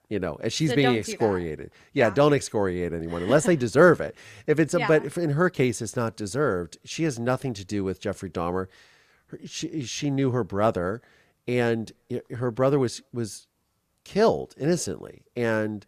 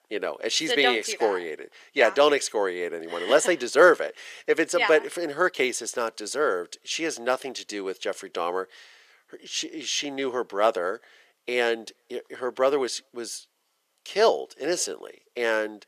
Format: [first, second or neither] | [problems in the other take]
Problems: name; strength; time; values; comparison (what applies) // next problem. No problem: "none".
first | thin; somewhat; fading below 400 Hz